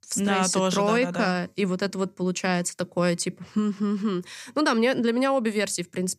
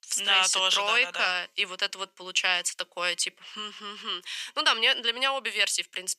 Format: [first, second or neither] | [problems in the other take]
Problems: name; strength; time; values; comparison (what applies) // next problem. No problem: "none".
first | thin; very; fading below 900 Hz